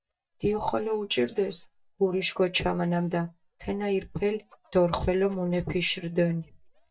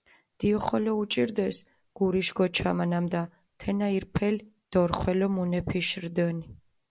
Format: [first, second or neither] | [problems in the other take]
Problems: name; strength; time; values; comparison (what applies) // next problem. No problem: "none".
second | noise reduction (neural mask model DeepFilterNet 3)